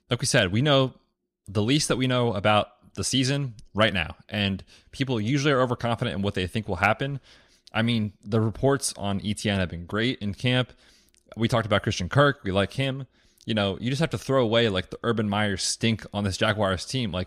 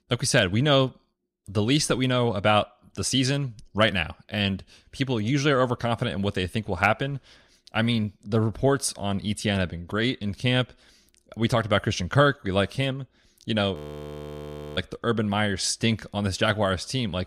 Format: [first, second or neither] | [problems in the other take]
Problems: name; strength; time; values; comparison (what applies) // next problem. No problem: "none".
first | audio freezing; at 14 s for 1 s